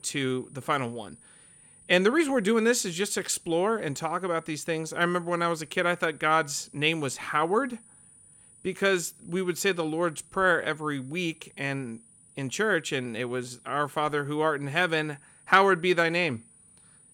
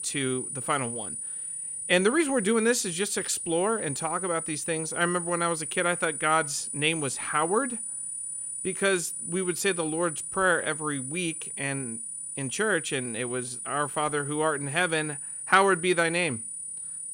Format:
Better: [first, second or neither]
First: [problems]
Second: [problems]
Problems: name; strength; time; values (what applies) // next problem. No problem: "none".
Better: first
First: high-pitched whine; faint; throughout; 9.5 kHz, 25 dB below the speech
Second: high-pitched whine; loud; throughout; 9.5 kHz, 5 dB below the speech